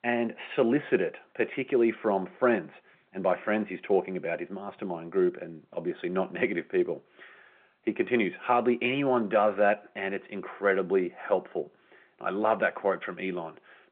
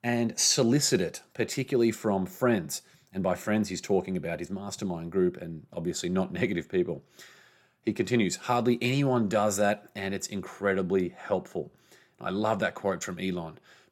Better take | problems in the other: second | phone-call audio

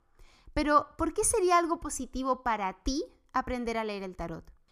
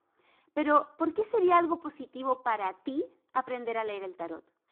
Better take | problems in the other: first | phone-call audio; poor line

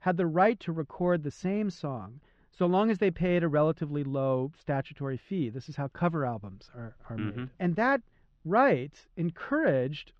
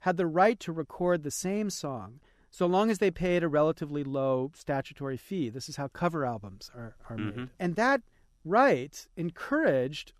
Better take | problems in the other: second | muffled; slightly; fading above 3.5 kHz

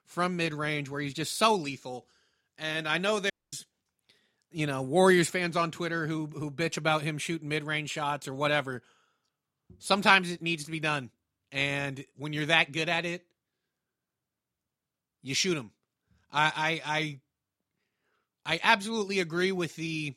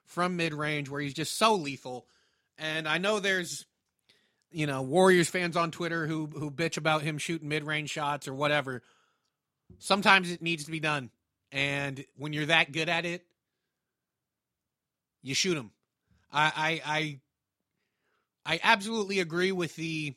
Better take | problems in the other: second | audio cutting out; at 3.5 s

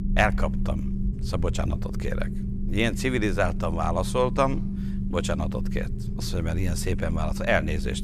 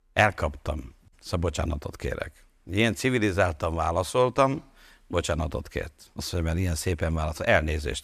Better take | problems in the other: second | low rumble; noticeable; throughout; 15 dB below the speech

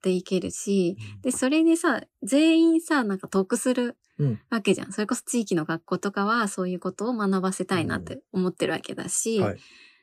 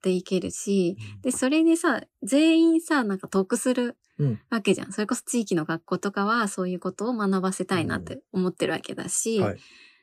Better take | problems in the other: neither | none

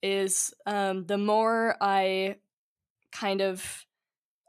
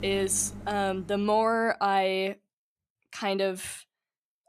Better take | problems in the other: first | household noises; very faint; until 1 s; 15 dB below the speech

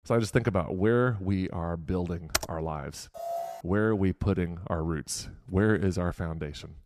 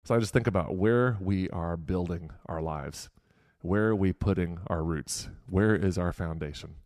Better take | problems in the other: second | keyboard typing; noticeable; at 2.5 s; peak 2 dB below the speech // alarm; noticeable; at 3 s; peak 6 dB below the speech

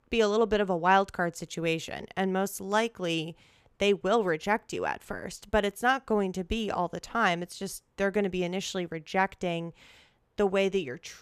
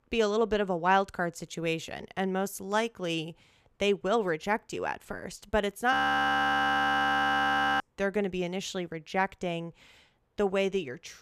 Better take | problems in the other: first | audio freezing; at 6 s for 2 s

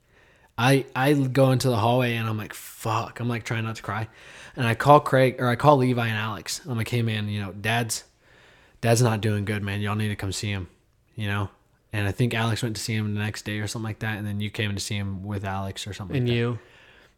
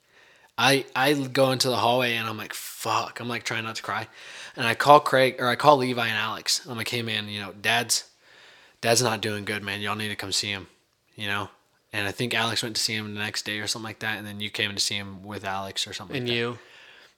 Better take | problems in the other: first | thin; somewhat; fading below 500 Hz

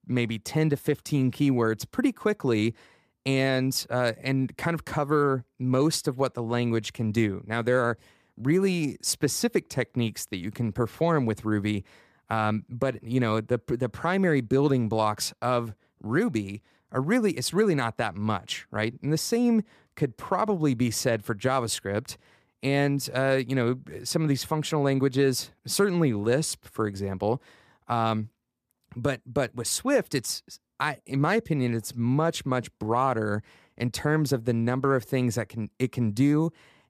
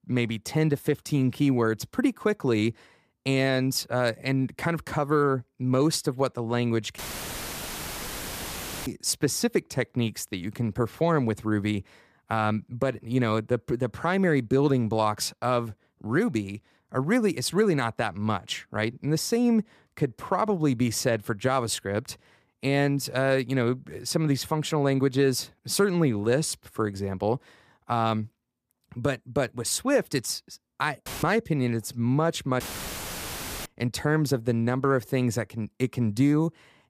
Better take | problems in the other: first | audio cutting out; filled with static; at 7 s for 2 s, at 31 s and at 33 s for 1 s

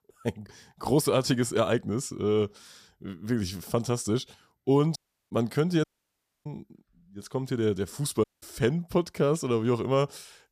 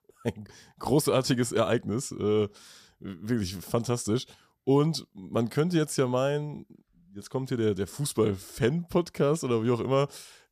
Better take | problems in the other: second | audio cutting out; at 5 s, at 6 s for 0.5 s and at 8 s

